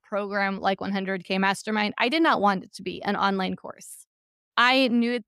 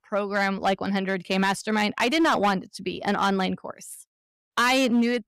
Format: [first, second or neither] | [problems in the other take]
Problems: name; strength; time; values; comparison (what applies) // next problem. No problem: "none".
first | distortion; slight; 6% of the sound clipped